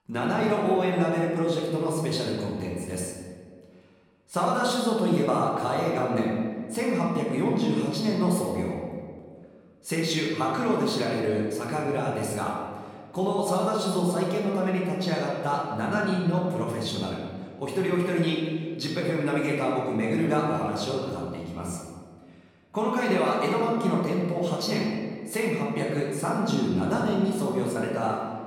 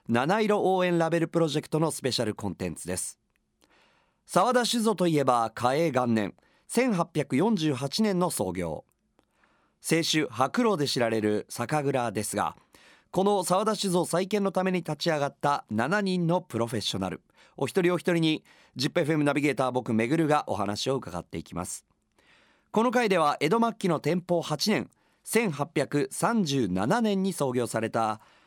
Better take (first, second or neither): second